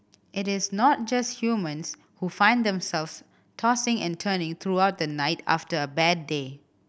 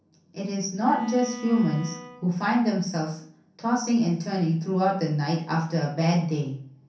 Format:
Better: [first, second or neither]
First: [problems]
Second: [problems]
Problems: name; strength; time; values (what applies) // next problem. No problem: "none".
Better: first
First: none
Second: background sound (Bowed string instrument); 18 dB below the speech // room echo; dies away in 0.6 s